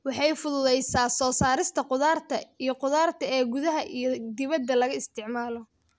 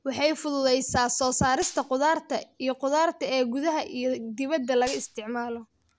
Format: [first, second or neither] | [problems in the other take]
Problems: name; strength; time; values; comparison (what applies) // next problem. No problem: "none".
first | background sound (Gunshot, gunfire); 18 dB below the speech